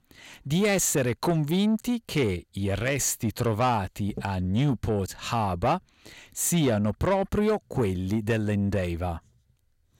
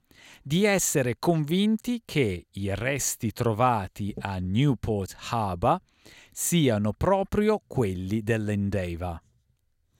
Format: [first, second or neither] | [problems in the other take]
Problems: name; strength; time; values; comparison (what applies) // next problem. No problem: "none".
second | distortion; slight; 10 dB below the speech